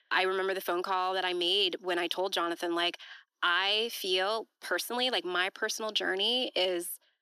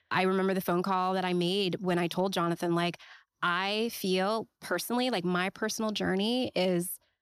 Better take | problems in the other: second | thin; very; fading below 300 Hz

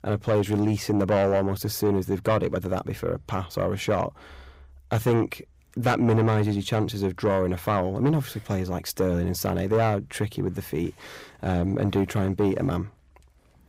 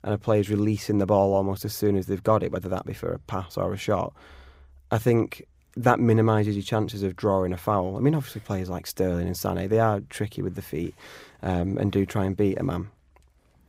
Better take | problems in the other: second | distortion; slight; 10 dB below the speech

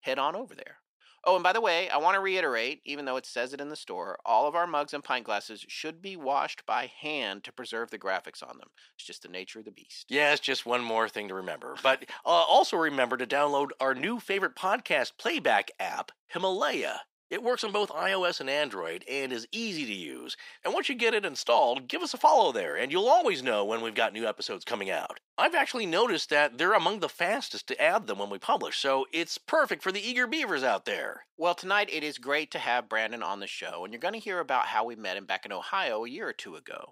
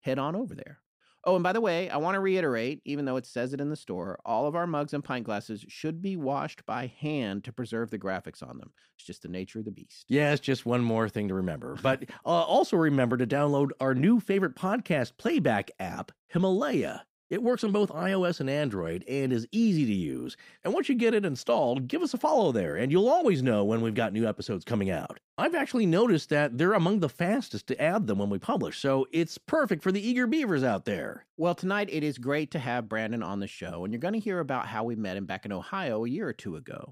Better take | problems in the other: second | thin; very; fading below 550 Hz

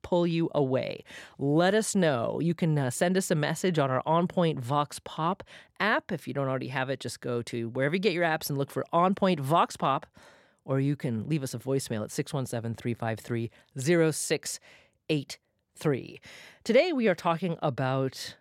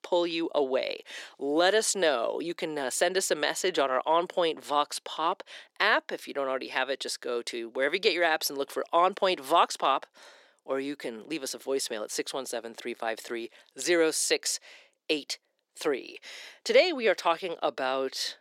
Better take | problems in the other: first | thin; somewhat; fading below 350 Hz

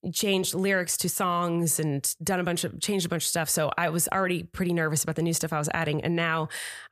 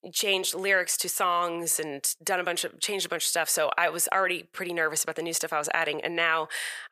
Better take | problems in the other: first | thin; very; fading below 500 Hz

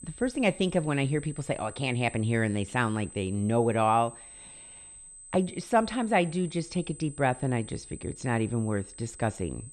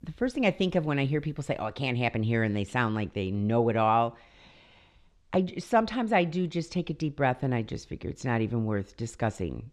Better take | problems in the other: second | high-pitched whine; noticeable; throughout; 8 kHz, 15 dB below the speech

